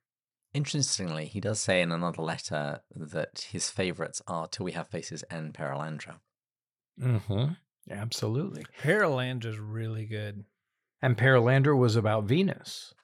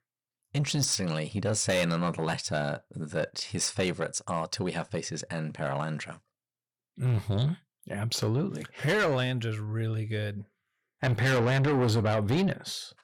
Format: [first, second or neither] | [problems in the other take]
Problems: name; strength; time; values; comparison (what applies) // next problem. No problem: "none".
first | distortion; heavy; 7 dB below the speech